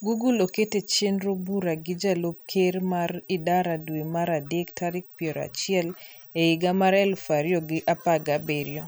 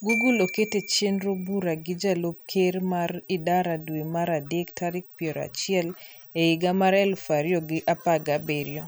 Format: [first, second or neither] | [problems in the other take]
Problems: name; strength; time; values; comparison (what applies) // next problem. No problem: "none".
first | background sound (Glockenspiel); 11 dB below the speech